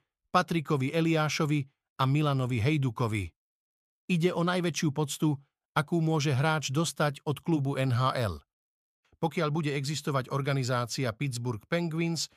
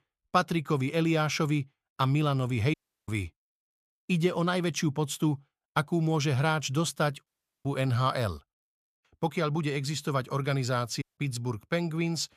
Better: first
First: none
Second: audio cutting out; at 2.5 s, at 7.5 s and at 11 s

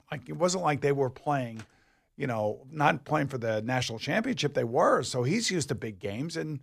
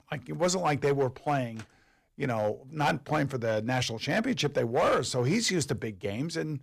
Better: first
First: none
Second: distortion; slight; 4% of the sound clipped

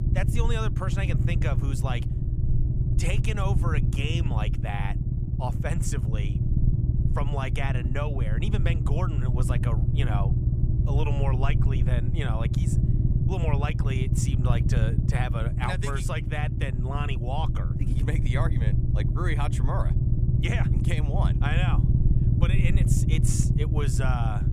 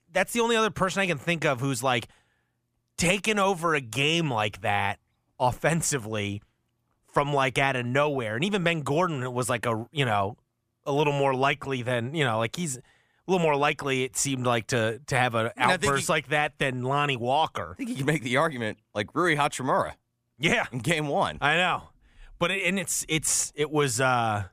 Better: second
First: low rumble; loud; throughout; 4 dB below the speech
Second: none

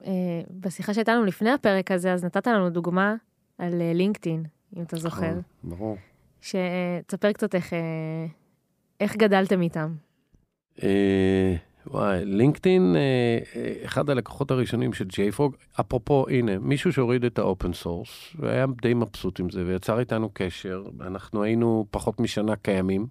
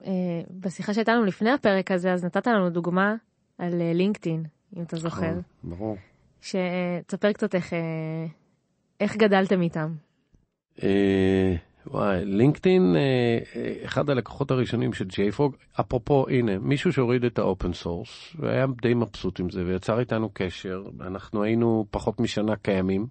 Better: first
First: none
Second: garbled, watery; slightly; nothing above 8 kHz

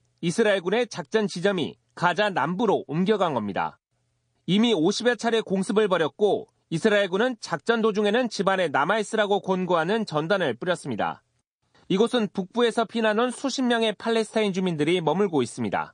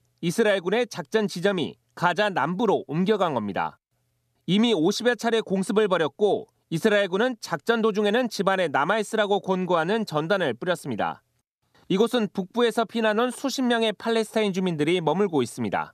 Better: second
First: garbled, watery; slightly; nothing above 9 kHz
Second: none

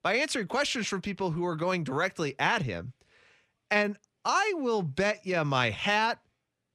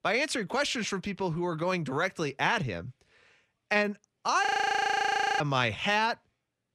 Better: first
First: none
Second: audio freezing; at 4.5 s for 1 s

